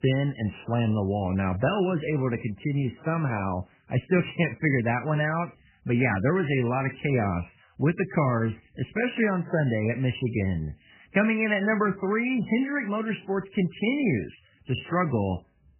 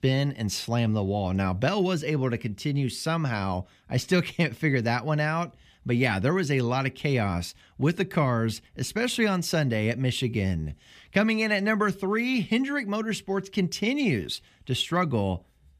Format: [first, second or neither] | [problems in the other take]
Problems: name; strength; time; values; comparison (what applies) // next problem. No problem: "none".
second | garbled, watery; badly; nothing above 3 kHz